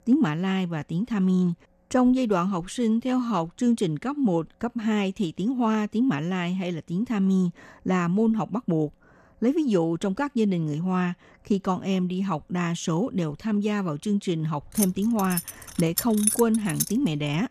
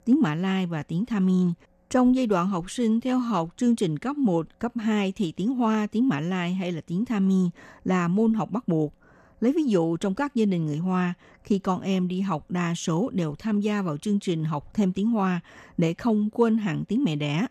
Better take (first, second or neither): second